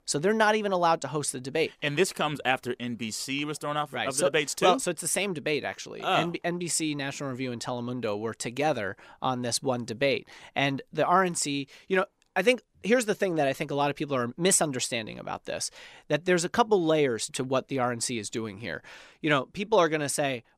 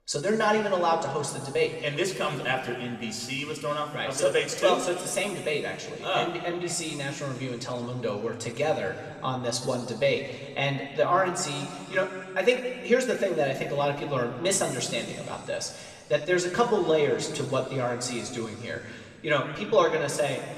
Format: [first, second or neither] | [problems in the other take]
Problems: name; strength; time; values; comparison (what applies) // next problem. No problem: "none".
first | room echo; noticeable; dies away in 2.1 s // off-mic speech; somewhat distant